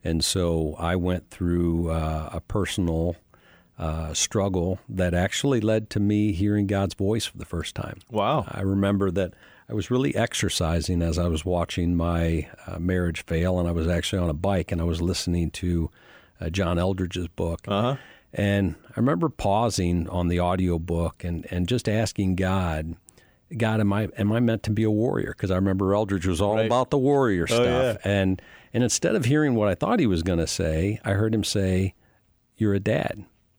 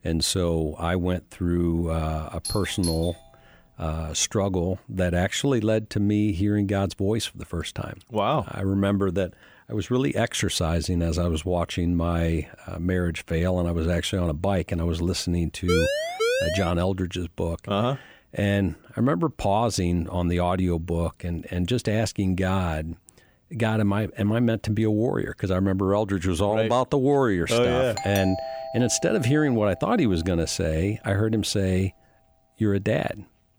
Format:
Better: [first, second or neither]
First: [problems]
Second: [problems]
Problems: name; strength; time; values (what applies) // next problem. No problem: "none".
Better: first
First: none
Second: doorbell; noticeable; at 2.5 s and from 28 to 30 s; peak 6 dB below the speech // siren; loud; from 16 to 17 s; peak 1 dB above the speech